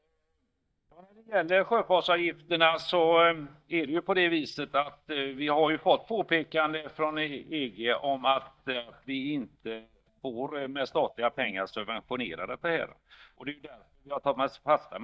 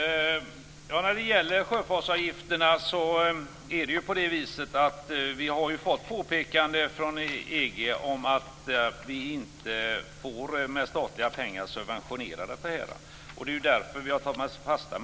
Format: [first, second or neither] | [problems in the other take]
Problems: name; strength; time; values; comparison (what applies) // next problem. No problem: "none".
second | noise reduction (neural mask model DeepFilterNet 3)